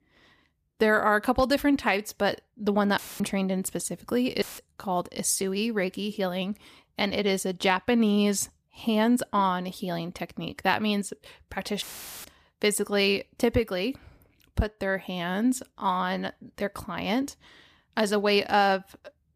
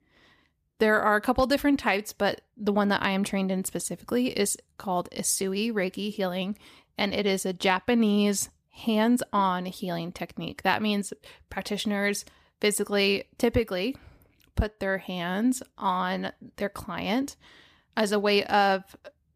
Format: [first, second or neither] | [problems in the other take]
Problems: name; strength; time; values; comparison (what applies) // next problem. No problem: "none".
second | audio cutting out; filled with static; at 3 s, at 4.5 s and at 12 s